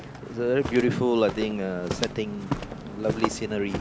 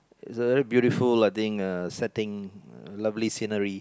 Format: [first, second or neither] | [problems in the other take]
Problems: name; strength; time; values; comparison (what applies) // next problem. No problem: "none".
second | background sound (Walk, footsteps); 7 dB below the speech